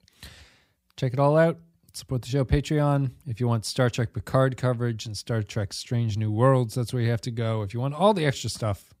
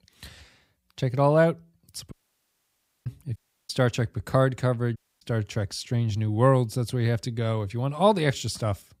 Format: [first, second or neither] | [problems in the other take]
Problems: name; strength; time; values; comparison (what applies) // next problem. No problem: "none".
first | audio cutting out; at 2 s for 1 s, at 3.5 s and at 5 s